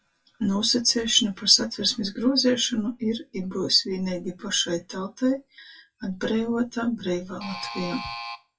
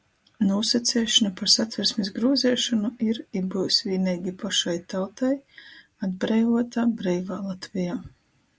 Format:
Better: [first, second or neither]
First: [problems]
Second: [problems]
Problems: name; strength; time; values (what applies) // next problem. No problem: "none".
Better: second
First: noise reduction (classical method WPE with log-MMSE)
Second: none